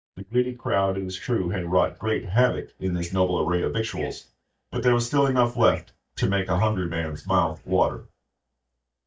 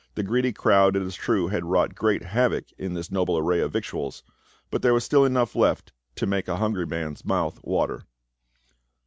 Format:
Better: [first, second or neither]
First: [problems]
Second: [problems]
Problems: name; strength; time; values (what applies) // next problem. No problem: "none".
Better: second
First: noise reduction (neural mask model DeepFilterNet 3)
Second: none